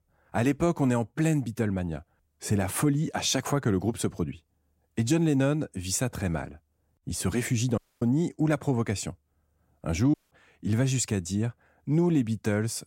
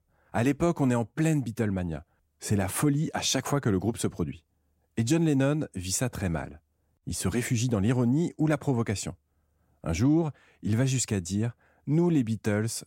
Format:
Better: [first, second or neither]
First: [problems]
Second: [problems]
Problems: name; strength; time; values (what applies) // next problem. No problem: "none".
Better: second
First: audio cutting out; at 8 s and at 10 s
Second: none